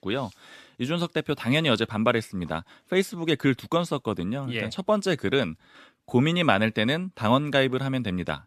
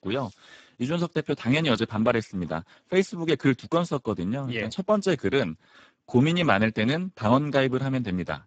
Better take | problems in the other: first | garbled, watery; badly; nothing above 7.5 kHz

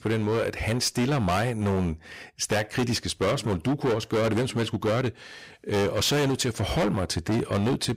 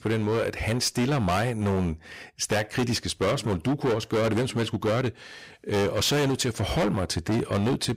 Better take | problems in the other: neither | distortion; heavy; 19% of the sound clipped; the same in both

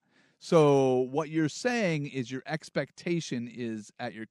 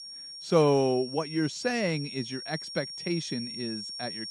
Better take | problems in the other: first | high-pitched whine; loud; throughout; 5.5 kHz, 8 dB below the speech

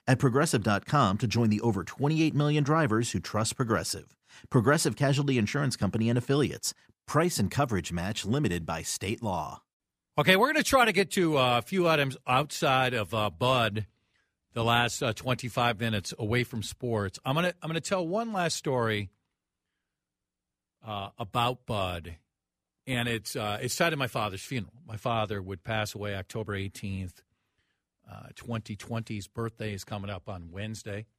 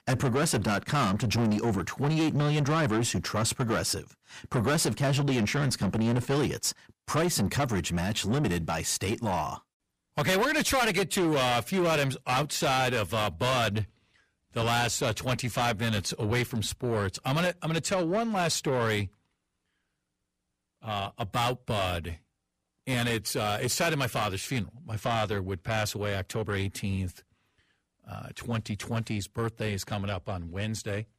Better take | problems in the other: first | distortion; heavy; 7 dB below the speech

